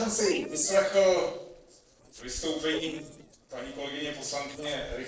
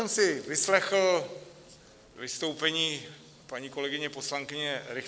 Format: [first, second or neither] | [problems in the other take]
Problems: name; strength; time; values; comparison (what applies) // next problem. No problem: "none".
second | noise reduction (neural separator model SepFormer DNS4)